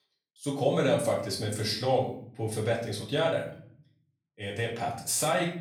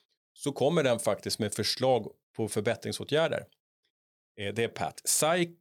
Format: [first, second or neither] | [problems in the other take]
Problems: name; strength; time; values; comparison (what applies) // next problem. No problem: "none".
second | off-mic speech; far // room echo; slight; dies away in 0.5 s